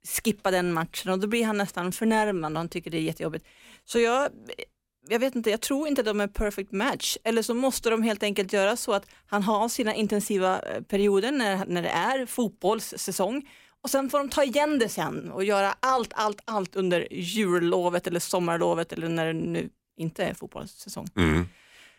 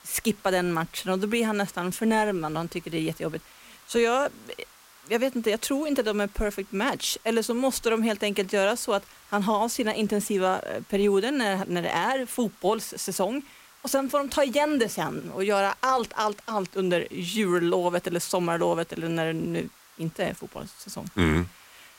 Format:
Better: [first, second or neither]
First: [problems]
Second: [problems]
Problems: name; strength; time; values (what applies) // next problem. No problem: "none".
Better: first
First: none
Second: hiss; faint; throughout; 25 dB below the speech